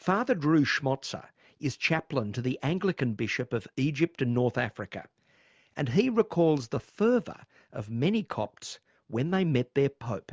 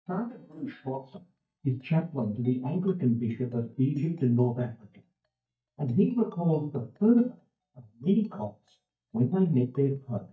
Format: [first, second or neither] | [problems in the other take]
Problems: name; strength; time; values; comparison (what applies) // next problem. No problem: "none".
first | noise reduction (neural mask model DeepFilterNet 3)